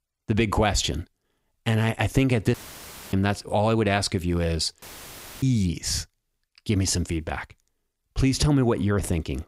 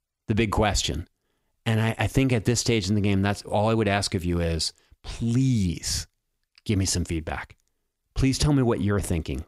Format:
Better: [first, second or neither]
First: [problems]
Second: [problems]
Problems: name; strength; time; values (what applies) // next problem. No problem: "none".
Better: second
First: audio cutting out; filled with static; at 2.5 s for 0.5 s and at 5 s for 0.5 s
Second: none